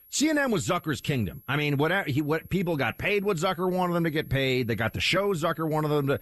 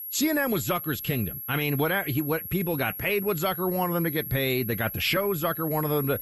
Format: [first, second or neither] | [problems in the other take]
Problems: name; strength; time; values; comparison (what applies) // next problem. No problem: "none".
first | high-pitched whine; loud; throughout; 11.5 kHz, 7 dB below the speech; faint in the first